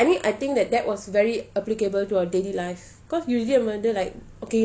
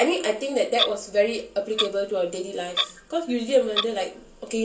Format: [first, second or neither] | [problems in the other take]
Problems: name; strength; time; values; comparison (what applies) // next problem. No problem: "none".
first | background sound (Clock); 8 dB below the speech // room echo; dies away in 0.2 s